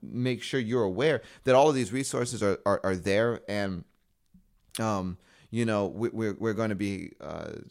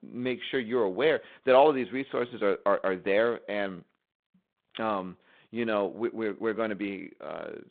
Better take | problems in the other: first | phone-call audio; nothing above 3.5 kHz

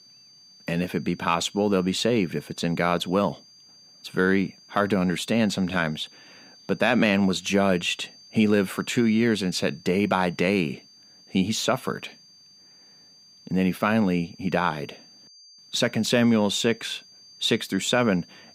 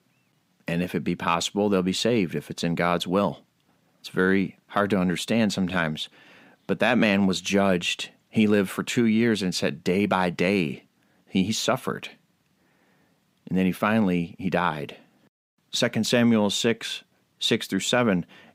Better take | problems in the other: second | high-pitched whine; faint; throughout; 4.5 kHz, 25 dB below the speech

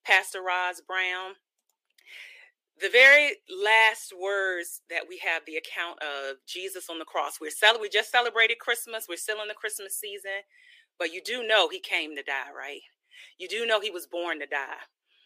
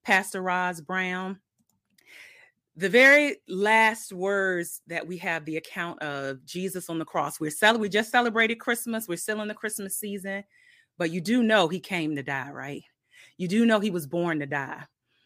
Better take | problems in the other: second | thin; very; fading below 350 Hz

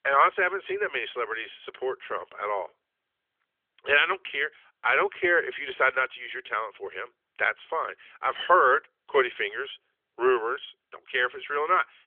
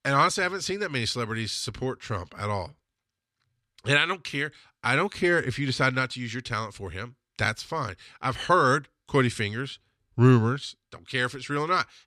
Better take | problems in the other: second | phone-call audio; nothing above 3.5 kHz

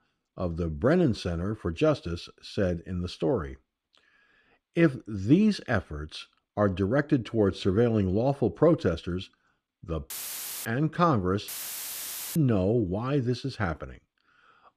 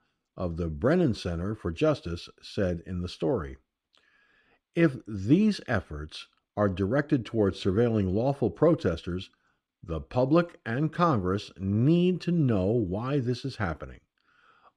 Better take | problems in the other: second | audio cutting out; filled with static; at 10 s for 0.5 s and at 11 s for 1 s

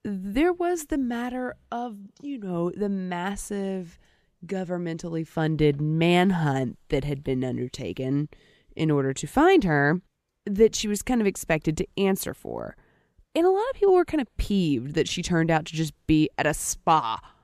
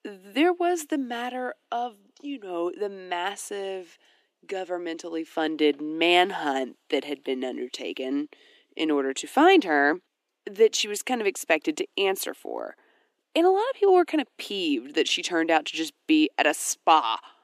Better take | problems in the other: first | thin; somewhat; fading below 300 Hz

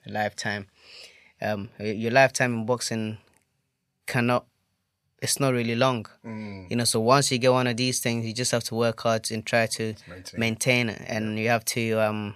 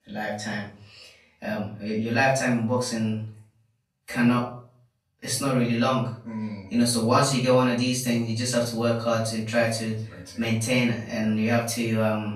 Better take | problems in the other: first | off-mic speech; far // room echo; noticeable; dies away in 0.4 s

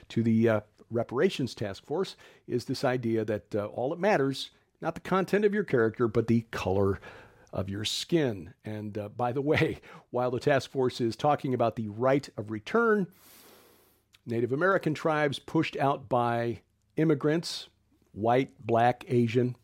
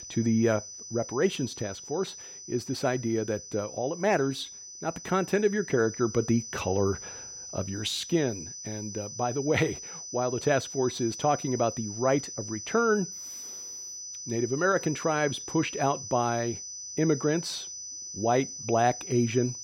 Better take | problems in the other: first | high-pitched whine; loud; throughout; 6 kHz, 9 dB below the speech

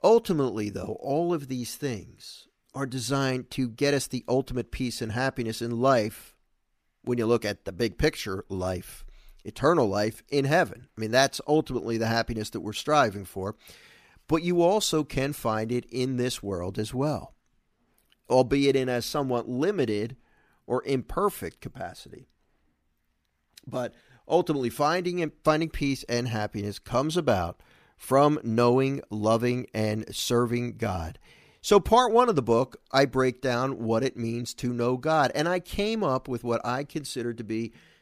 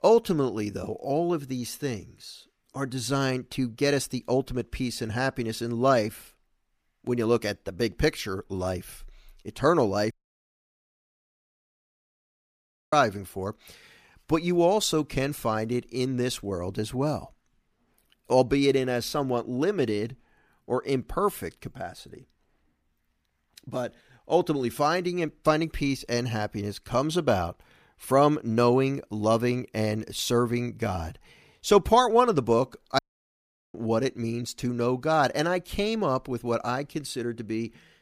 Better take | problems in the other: first | audio cutting out; at 10 s for 3 s and at 33 s for 1 s

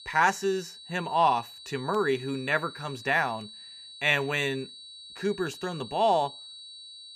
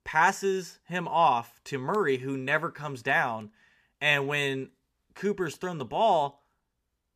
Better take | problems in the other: second | high-pitched whine; noticeable; throughout; 4 kHz, 15 dB below the speech

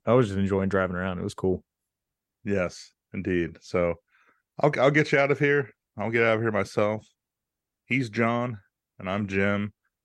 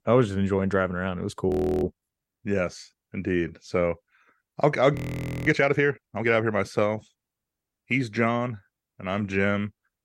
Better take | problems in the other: first | audio freezing; at 1.5 s and at 5 s for 0.5 s

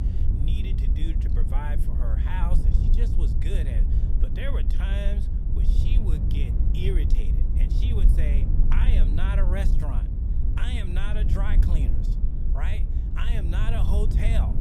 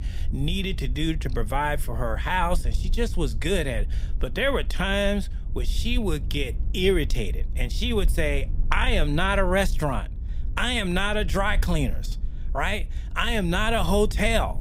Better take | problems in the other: second | low rumble; loud; throughout; 3 dB below the speech; faint in the second

